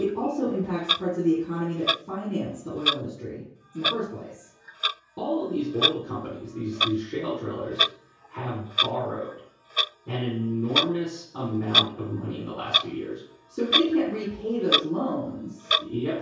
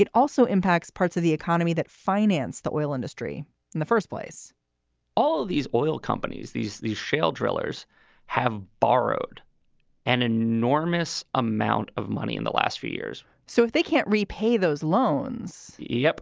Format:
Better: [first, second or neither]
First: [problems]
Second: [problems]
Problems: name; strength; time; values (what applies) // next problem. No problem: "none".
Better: second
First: background sound (Clock); 1 dB below the speech // room echo; dies away in 0.6 s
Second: none